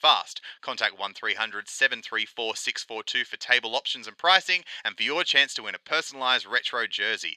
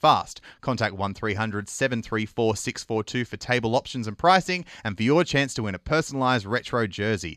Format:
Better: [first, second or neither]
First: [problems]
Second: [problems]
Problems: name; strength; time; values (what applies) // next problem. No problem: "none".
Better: second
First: thin; very; fading below 550 Hz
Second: none